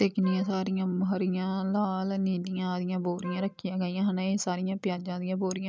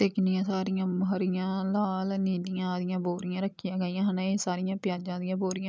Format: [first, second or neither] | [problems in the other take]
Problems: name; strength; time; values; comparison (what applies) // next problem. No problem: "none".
second | background sound (Wind instrument, woodwind instrument); 17 dB below the speech